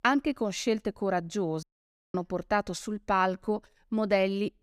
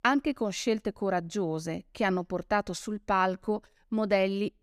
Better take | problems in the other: second | audio cutting out; at 1.5 s for 0.5 s

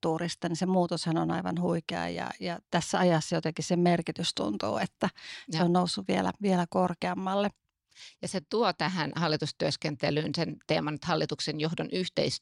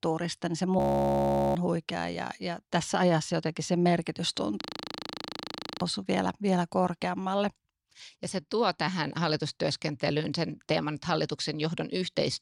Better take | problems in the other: first | audio freezing; at 1 s for 1 s and at 4.5 s for 1 s

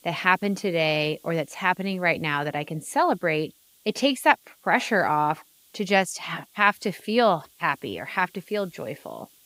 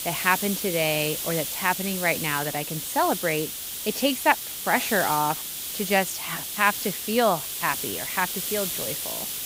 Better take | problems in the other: first | hiss; loud; throughout; 3 dB below the speech; faint in the first

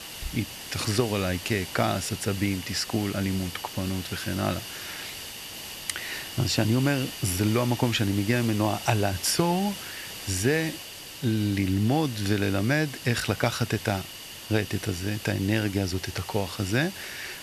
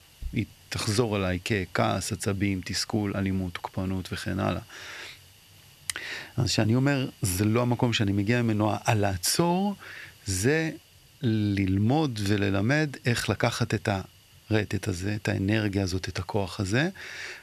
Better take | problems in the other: second | hiss; loud; throughout; 10 dB below the speech; faint in the second

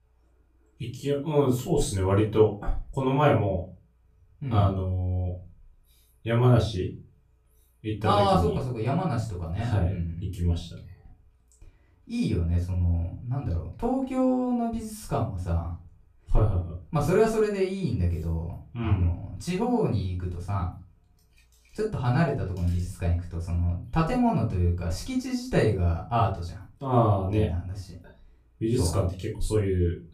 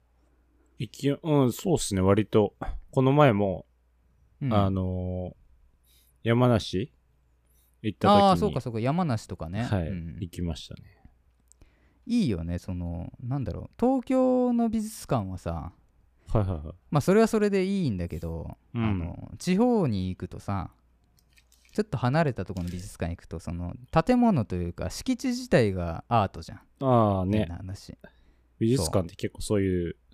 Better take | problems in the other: second | off-mic speech; far // room echo; slight; dies away in 0.3 s

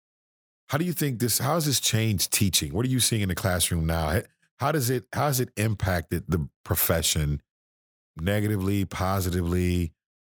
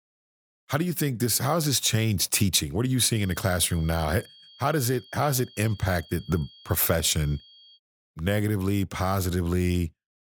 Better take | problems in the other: first | high-pitched whine; faint; from 3 to 8 s; 3.5 kHz, 25 dB below the speech

